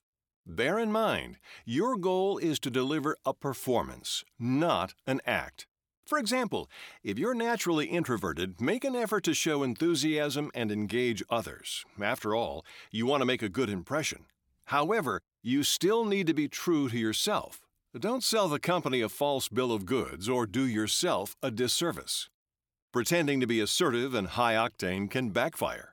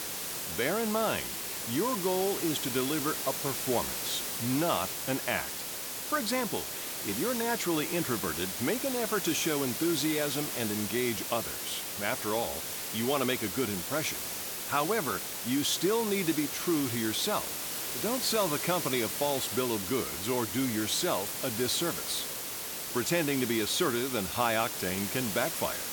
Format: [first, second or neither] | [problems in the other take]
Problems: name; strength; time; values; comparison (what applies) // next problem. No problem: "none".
first | hiss; loud; throughout; 2 dB below the speech